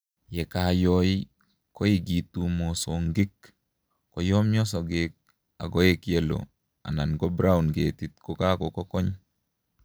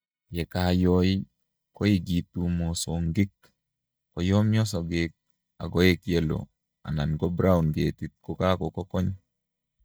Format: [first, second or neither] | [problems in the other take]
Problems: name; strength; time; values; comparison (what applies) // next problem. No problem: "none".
first | noise reduction (neural mask model DeepFilterNet 3)